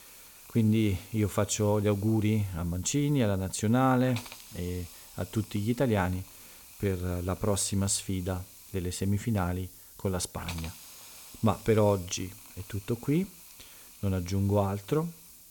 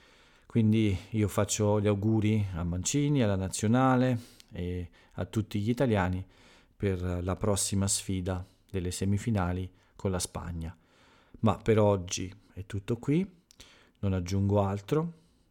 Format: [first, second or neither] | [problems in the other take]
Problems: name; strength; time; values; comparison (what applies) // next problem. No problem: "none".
second | hiss; noticeable; throughout; 15 dB below the speech